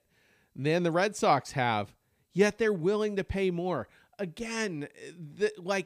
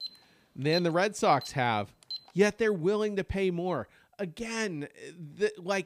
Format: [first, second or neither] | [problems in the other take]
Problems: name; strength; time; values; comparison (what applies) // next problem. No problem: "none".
first | alarm; noticeable; until 2.5 s; peak 7 dB below the speech